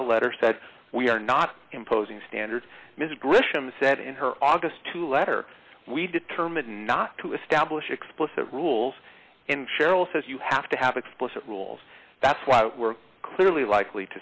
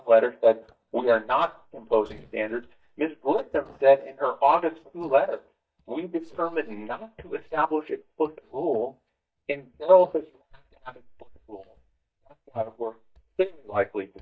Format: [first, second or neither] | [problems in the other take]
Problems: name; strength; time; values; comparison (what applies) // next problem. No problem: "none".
first | noise reduction (neural mask model DeepFilterNet 3)